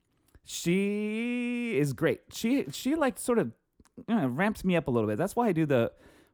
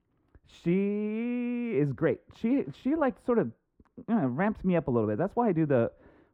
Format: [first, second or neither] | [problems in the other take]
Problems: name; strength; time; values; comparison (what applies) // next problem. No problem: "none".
first | muffled; very; fading above 4 kHz